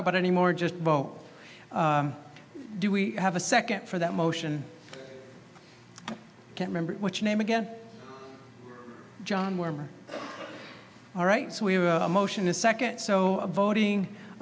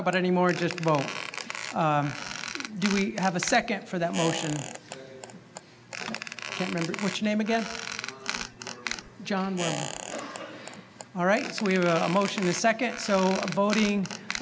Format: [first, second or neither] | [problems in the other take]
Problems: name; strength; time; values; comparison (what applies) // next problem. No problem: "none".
first | background sound (Squeak); 9 dB below the speech